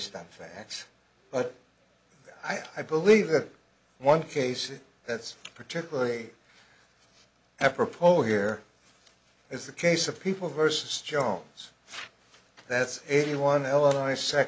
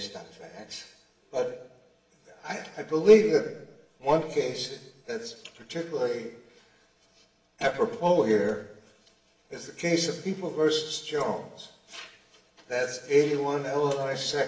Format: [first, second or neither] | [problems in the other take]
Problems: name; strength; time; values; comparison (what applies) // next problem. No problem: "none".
first | room echo; dies away in 0.9 s